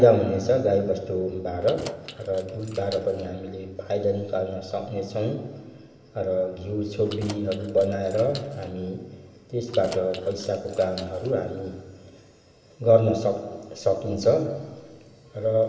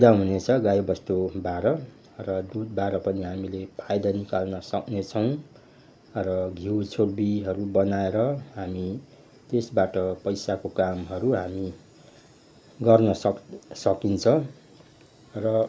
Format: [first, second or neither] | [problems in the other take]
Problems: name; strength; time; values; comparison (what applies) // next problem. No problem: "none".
second | background sound (Keys jangling); 17 dB below the speech // room echo; dies away in 2.1 s